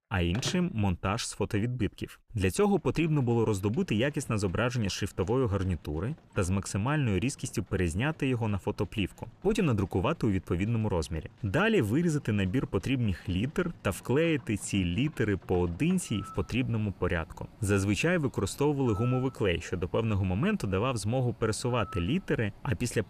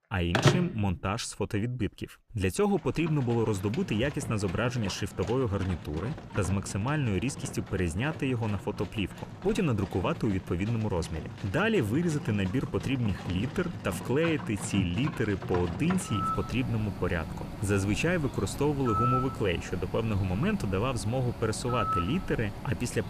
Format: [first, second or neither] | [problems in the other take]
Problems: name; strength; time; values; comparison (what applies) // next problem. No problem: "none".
first | animal sounds; loud; throughout; 6 dB below the speech; faint in the first